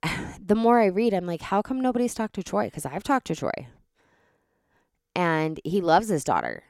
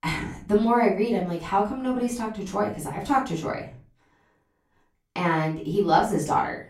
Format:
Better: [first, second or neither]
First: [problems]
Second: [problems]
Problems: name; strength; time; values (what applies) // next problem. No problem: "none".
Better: first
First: none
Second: off-mic speech; far // room echo; slight; dies away in 0.3 s